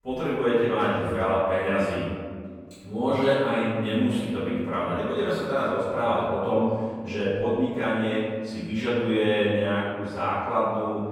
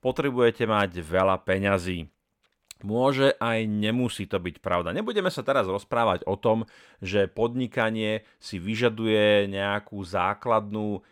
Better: second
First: off-mic speech; far // room echo; strong; dies away in 1.8 s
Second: none

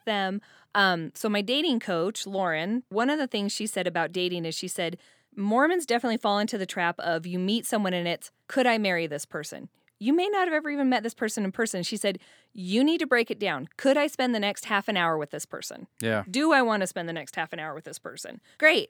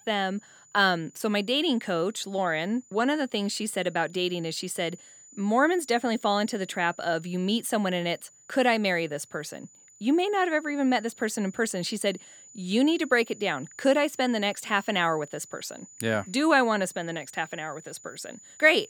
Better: first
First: none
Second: high-pitched whine; faint; throughout; 7 kHz, 25 dB below the speech

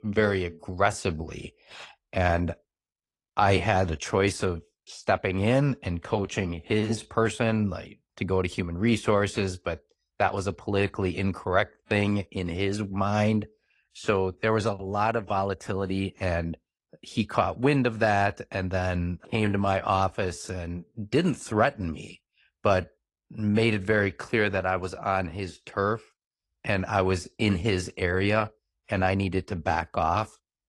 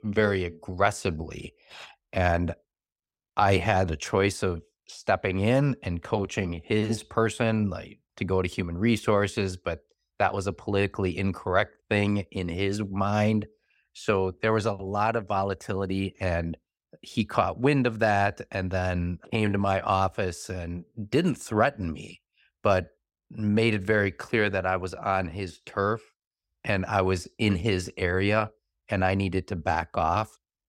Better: second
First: garbled, watery; slightly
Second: none

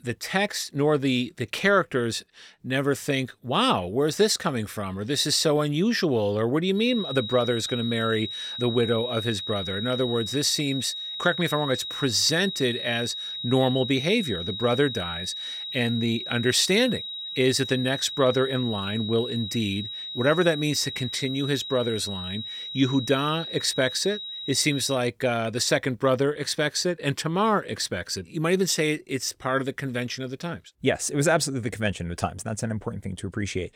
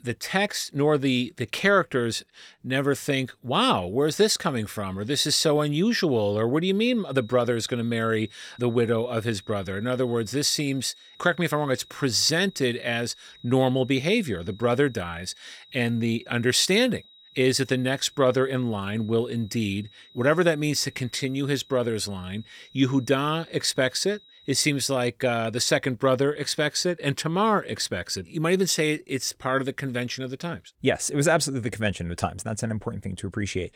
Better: second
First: high-pitched whine; loud; from 7 to 25 s; 4 kHz, 7 dB below the speech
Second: high-pitched whine; faint; from 7 to 25 s; 4 kHz, 25 dB below the speech

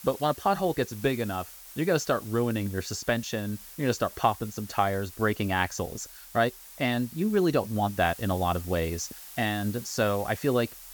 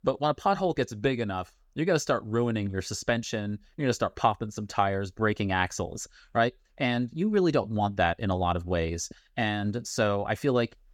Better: second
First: hiss; noticeable; throughout; 15 dB below the speech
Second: none

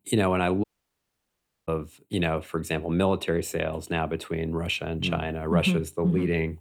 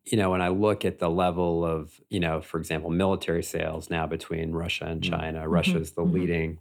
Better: second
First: audio cutting out; at 0.5 s for 1 s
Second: none

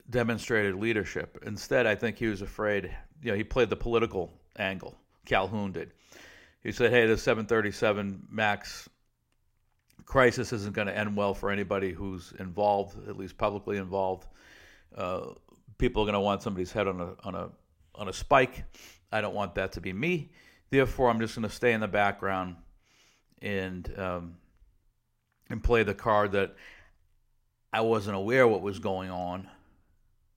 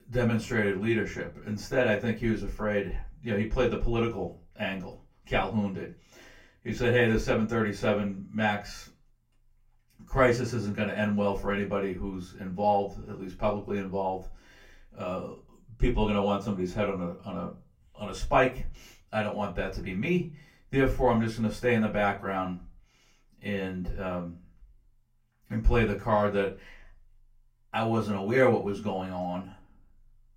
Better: first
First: none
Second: off-mic speech; far // room echo; very slight; dies away in 0.2 s

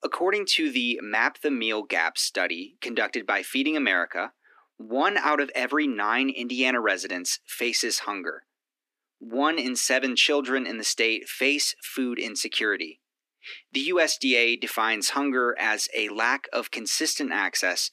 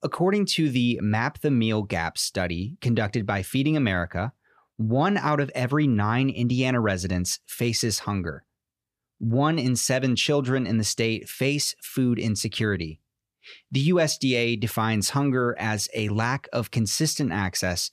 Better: second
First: thin; somewhat; fading below 250 Hz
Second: none

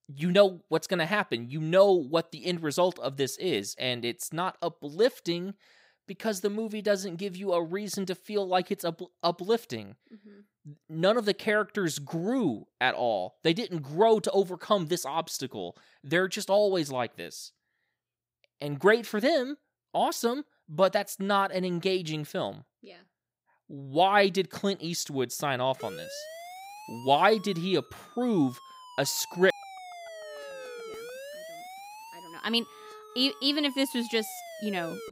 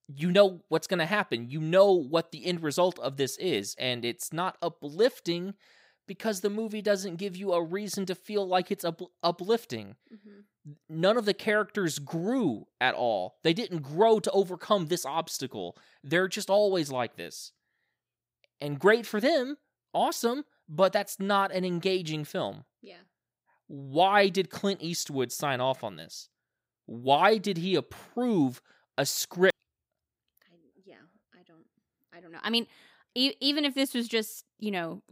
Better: second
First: siren; faint; from 26 s on; peak 15 dB below the speech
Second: none

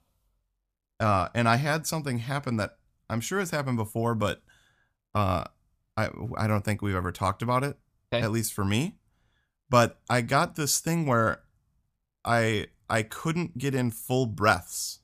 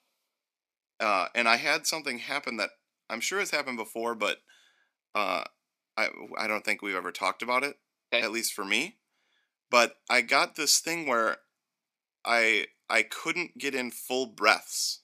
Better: first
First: none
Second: thin; somewhat; fading below 300 Hz

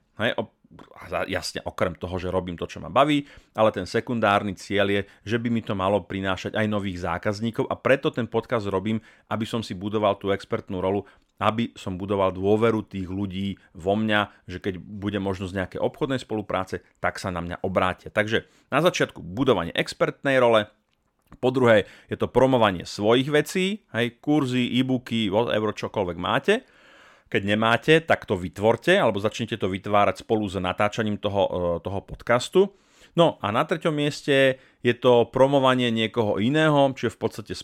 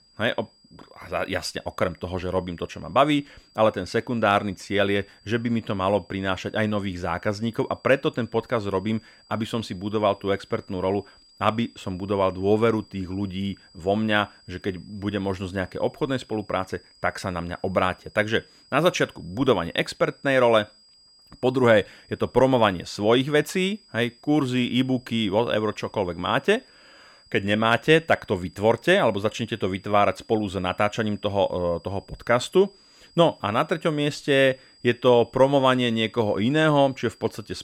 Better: first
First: none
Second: high-pitched whine; faint; throughout; 5 kHz, 30 dB below the speech

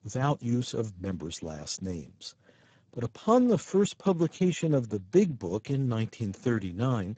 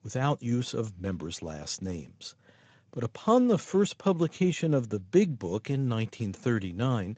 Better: second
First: garbled, watery; badly; nothing above 7.5 kHz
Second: garbled, watery; slightly; nothing above 7.5 kHz

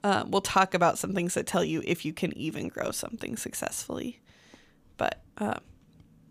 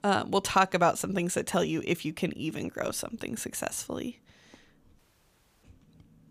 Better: first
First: none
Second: audio cutting out; at 5 s for 0.5 s

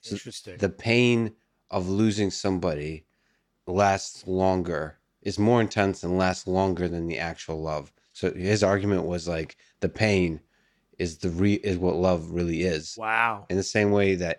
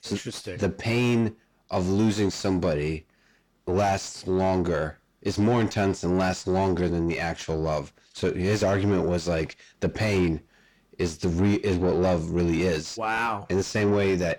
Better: first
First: none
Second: distortion; heavy; 7 dB below the speech

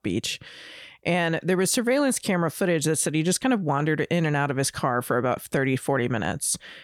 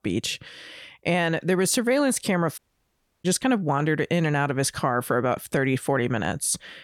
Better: first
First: none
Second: audio cutting out; at 2.5 s for 0.5 s

